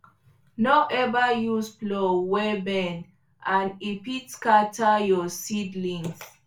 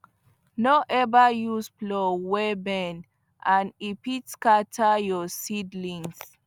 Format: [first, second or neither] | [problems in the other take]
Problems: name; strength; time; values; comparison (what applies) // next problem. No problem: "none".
second | room echo; dies away in 0.3 s